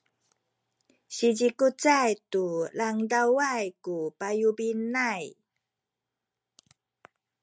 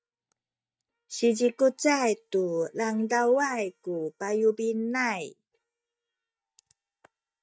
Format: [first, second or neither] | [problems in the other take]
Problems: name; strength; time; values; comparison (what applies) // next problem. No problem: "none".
first | noise reduction (neural mask model DeepFilterNet 3)